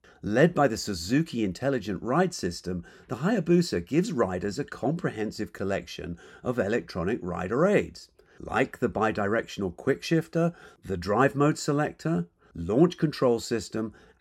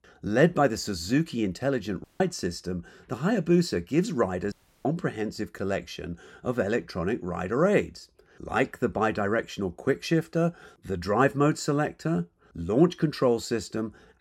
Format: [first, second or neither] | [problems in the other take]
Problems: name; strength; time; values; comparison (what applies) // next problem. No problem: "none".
first | audio cutting out; at 2 s and at 4.5 s